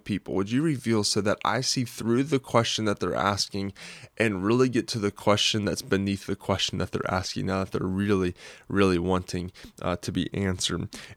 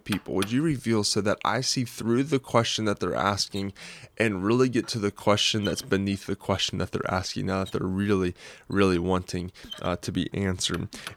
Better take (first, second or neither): first